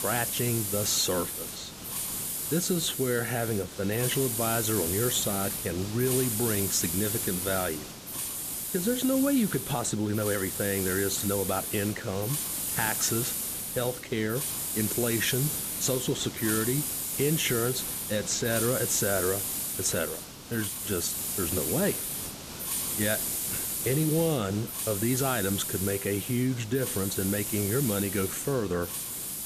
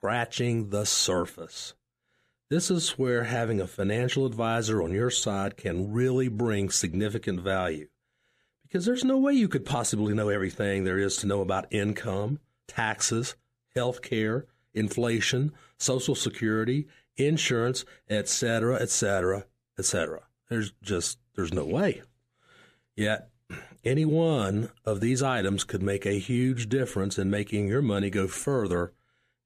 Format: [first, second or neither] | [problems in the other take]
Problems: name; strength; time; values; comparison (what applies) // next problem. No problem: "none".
second | hiss; loud; throughout; 1 dB below the speech